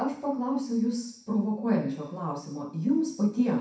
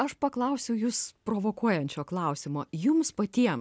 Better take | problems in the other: second | room echo; dies away in 0.6 s

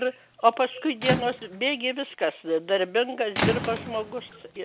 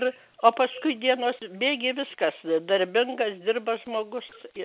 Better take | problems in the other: second | background sound (Squeak / Rattle / Slam); 8 dB below the speech

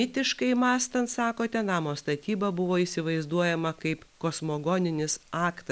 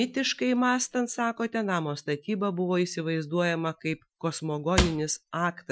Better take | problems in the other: first | noise reduction (classical method Wiener filter)

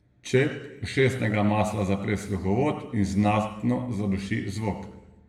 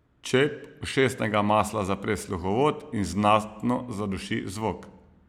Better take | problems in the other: second | room echo; dies away in 0.8 s

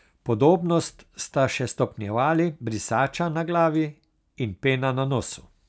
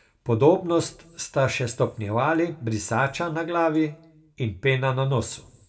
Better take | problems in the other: first | room echo; dies away in 0.4 s

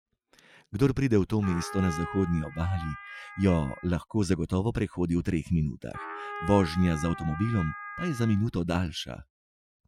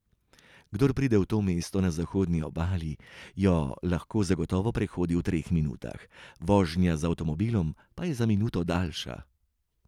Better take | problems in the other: second | noise reduction (classical method Wiener filter)

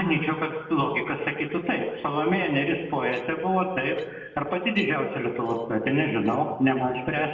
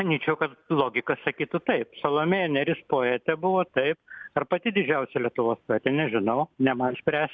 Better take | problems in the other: second | noise reduction (neural separator model SepFormer DNS4)

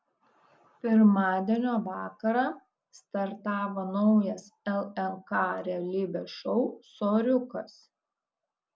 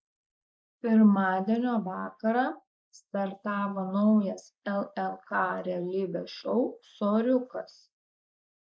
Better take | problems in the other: first | noise reduction (neural mask model Resemble Enhance denoiser)

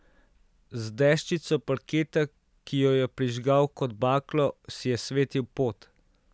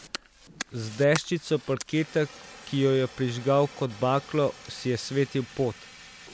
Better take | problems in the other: first | background sound (Fire); 16 dB below the speech

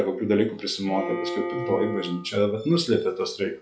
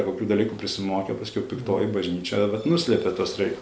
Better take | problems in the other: second | noise reduction (classical method log-MMSE)

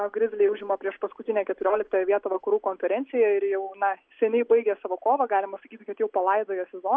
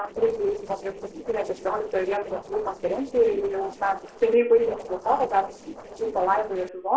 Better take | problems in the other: first | noise reduction (neural separator model SepFormer DNS4)

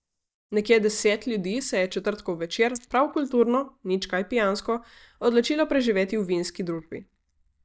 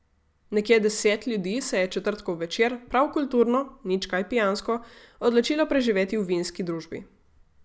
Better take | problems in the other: second | noise reduction (neural mask model DeepFilterNet 3)

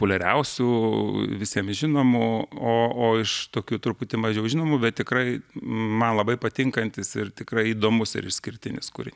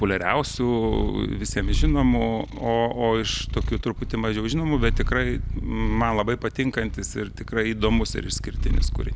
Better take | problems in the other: first | background sound (Purr); 2 dB below the speech

